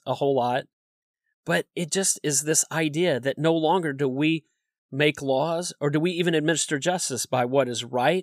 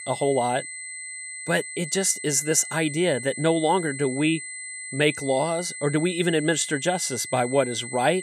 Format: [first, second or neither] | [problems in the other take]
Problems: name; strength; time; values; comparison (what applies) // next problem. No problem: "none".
first | high-pitched whine; loud; throughout; 2 kHz, 10 dB below the speech